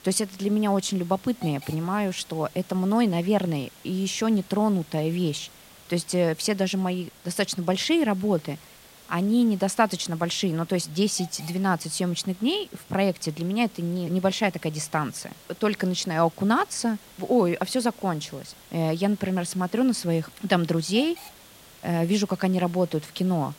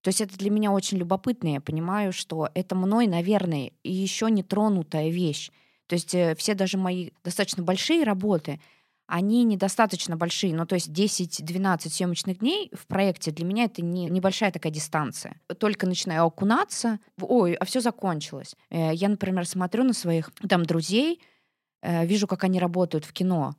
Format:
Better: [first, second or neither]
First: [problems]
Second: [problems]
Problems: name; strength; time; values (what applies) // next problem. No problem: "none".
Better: second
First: hiss; faint; throughout; 20 dB below the speech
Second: none